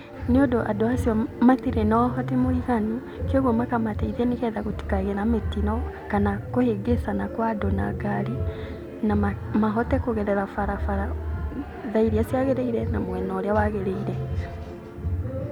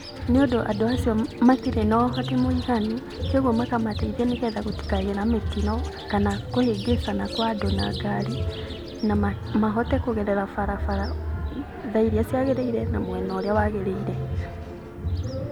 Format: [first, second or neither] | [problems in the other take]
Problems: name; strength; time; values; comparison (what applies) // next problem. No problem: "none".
first | background sound (Chirp, tweet); 19 dB below the speech